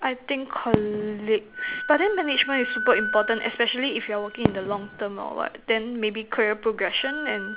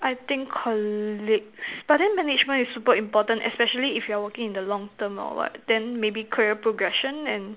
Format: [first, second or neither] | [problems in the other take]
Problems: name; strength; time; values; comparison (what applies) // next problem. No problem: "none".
second | background sound (Wind instrument, woodwind instrument + Fireworks); 7 dB below the speech